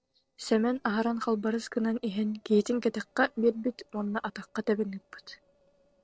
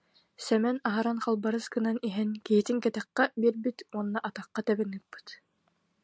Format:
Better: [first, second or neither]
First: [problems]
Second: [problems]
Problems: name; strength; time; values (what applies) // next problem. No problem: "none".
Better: second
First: noise reduction (neural separator model SepFormer DNS4)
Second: none